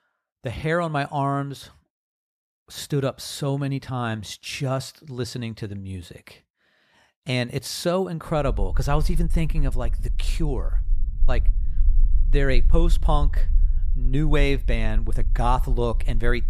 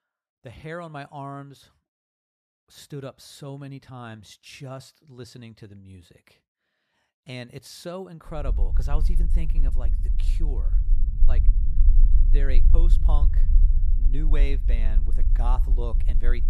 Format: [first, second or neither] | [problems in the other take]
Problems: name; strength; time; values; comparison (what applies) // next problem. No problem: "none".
first | low rumble; loud; from 8.5 s on; 9 dB below the speech; faint in the first